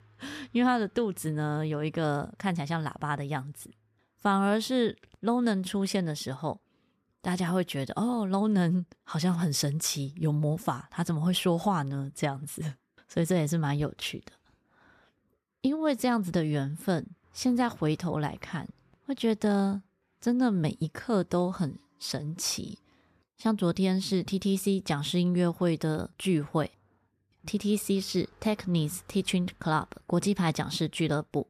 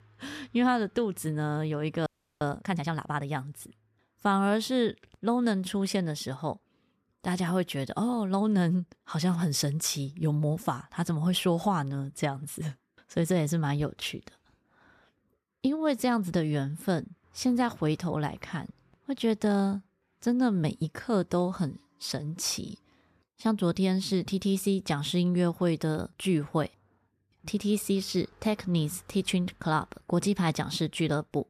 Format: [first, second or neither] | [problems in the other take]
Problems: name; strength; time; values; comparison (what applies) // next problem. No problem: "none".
first | audio freezing; at 2 s